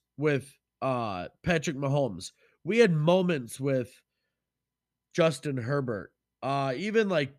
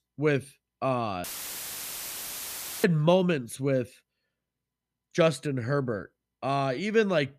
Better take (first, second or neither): first